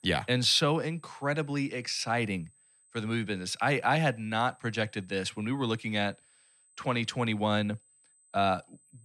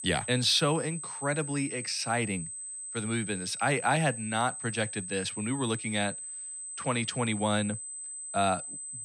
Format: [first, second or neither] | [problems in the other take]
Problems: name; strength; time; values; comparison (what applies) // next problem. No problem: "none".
first | high-pitched whine; loud; throughout; 8 kHz, 7 dB below the speech; faint in the first